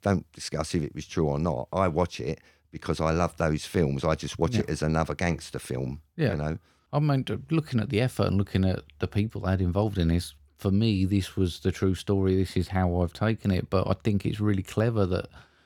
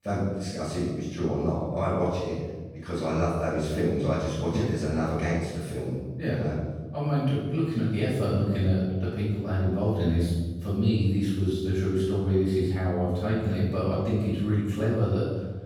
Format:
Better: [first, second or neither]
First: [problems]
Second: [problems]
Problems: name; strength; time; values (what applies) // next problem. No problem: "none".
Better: first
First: none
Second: off-mic speech; far // room echo; strong; dies away in 1.2 s